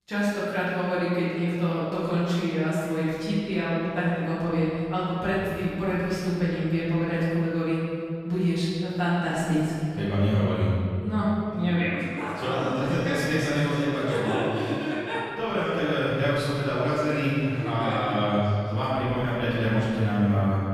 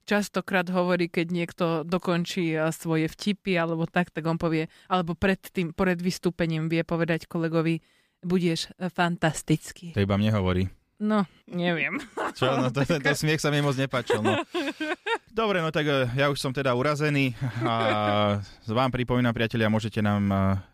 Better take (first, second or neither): second